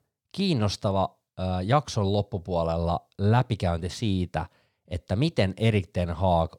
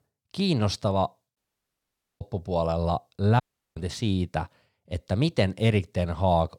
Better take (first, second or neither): first